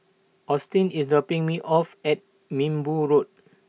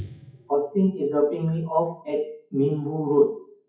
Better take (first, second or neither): first